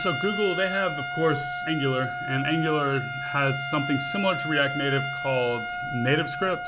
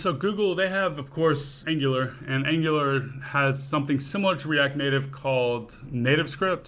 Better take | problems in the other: second | background sound (Trumpet); 5 dB below the speech

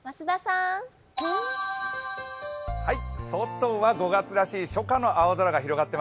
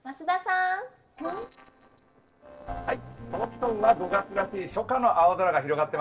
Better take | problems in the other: first | noise reduction (neural separator model SepFormer DNS4)

